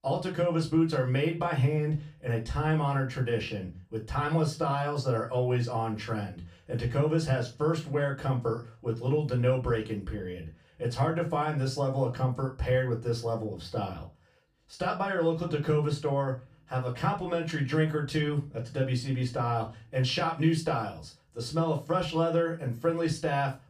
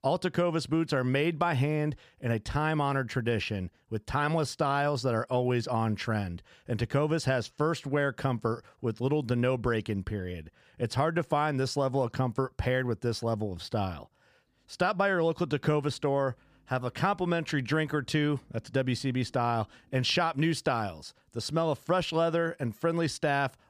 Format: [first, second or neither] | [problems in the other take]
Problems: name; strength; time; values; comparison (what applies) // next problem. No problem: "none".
second | off-mic speech; far // room echo; very slight; dies away in 0.2 s